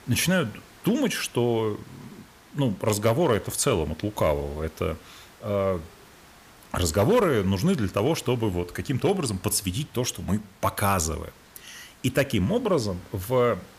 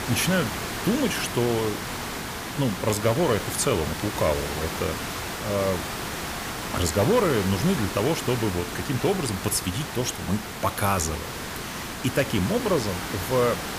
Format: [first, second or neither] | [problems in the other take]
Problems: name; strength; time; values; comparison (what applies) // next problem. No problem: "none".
first | hiss; loud; throughout; 5 dB below the speech; faint in the first